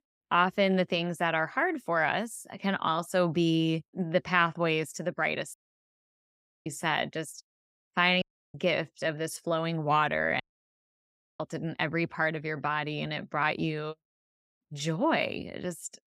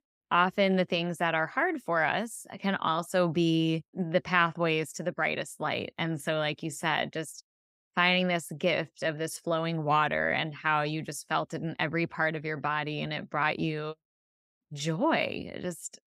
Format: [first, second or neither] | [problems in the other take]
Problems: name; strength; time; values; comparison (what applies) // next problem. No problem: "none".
second | audio cutting out; at 5.5 s for 1 s, at 8 s and at 10 s for 1 s